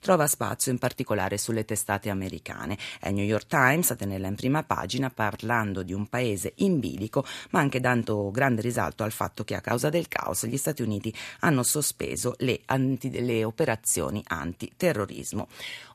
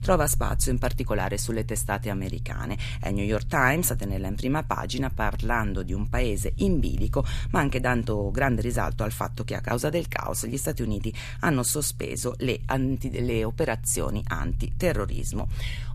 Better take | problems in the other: first | low rumble; faint; throughout; 20 dB below the speech

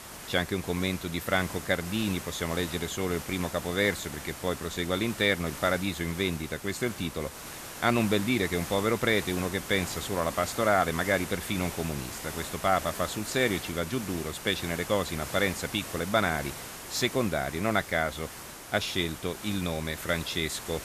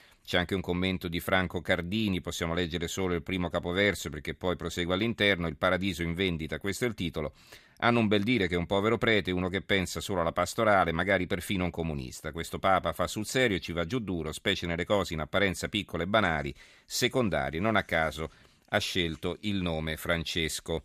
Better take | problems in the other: second | hiss; loud; throughout; 10 dB below the speech

